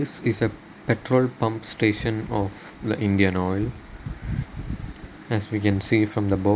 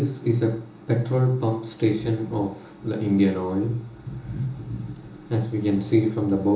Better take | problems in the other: first | room echo; dies away in 0.6 s

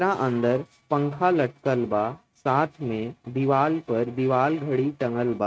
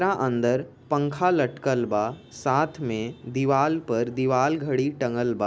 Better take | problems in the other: second | noise reduction (neural mask model RNNoise)

